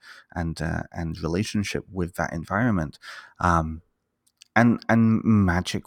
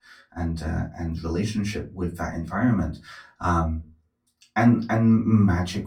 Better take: first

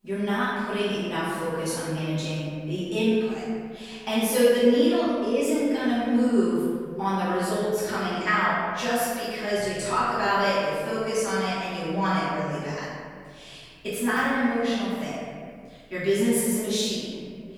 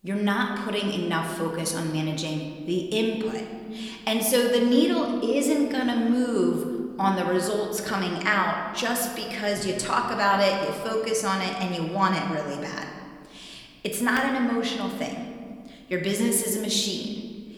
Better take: second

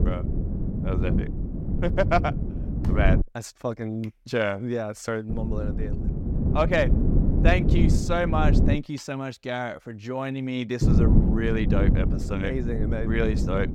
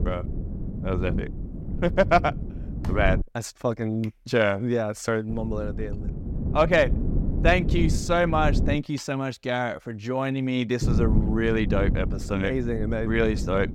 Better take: second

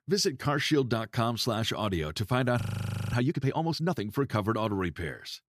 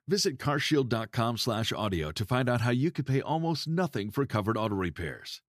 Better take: second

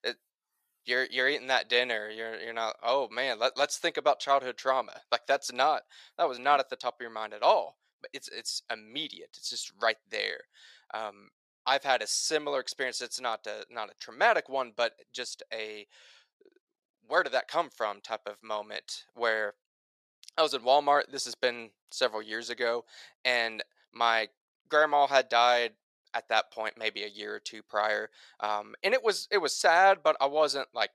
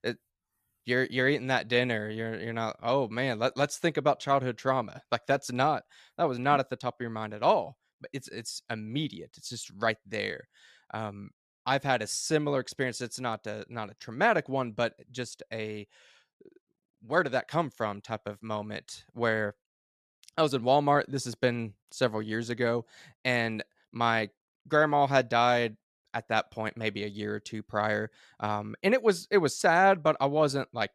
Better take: second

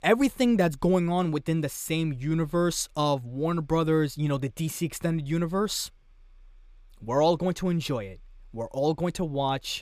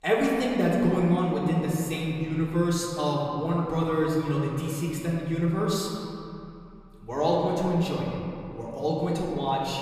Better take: first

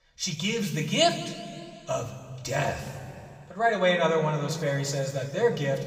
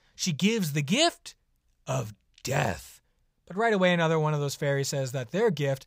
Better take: second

